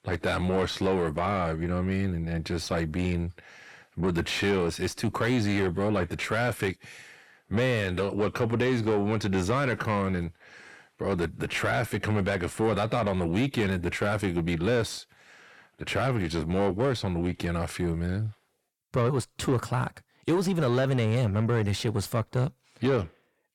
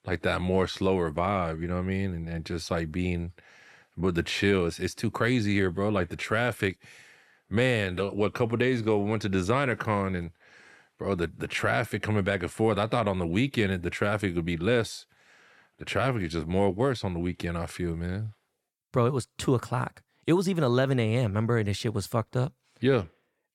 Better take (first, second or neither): second